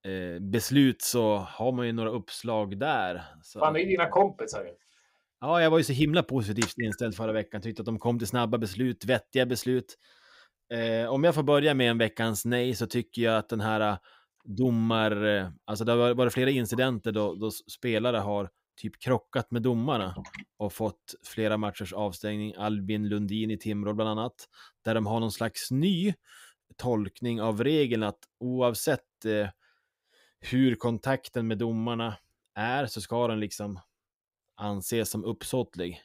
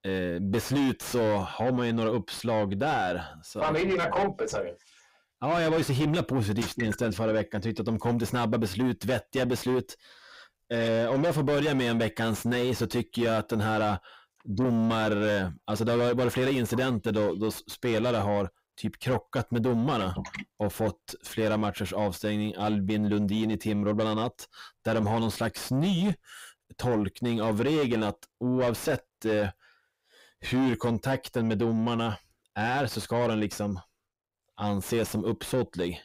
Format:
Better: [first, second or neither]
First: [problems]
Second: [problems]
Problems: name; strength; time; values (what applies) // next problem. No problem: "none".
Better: first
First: none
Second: distortion; heavy; 6 dB below the speech